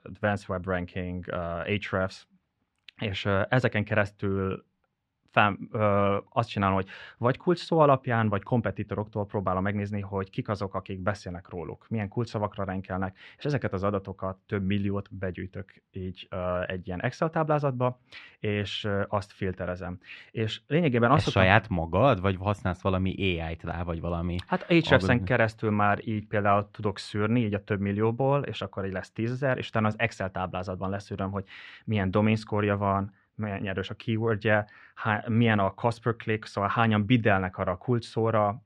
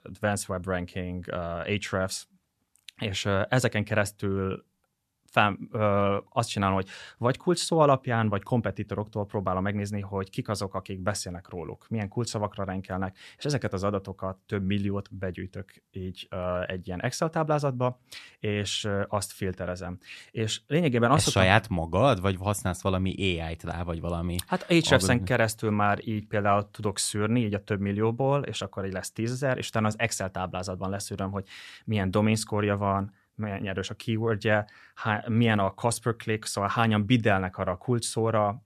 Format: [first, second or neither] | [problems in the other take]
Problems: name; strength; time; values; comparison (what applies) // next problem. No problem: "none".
second | muffled; slightly; fading above 2.5 kHz